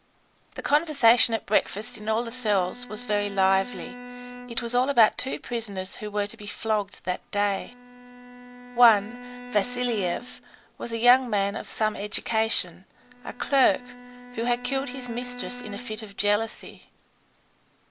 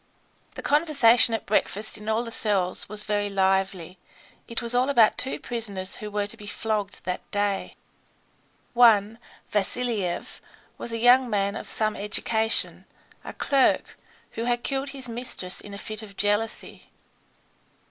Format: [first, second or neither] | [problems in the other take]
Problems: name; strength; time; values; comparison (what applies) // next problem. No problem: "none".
second | background sound (Bowed string instrument); 17 dB below the speech